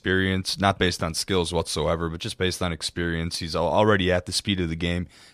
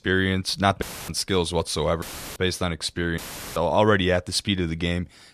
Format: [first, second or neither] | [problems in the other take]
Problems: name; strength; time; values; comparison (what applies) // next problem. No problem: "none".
first | audio cutting out; filled with static; at 1 s, at 2 s and at 3 s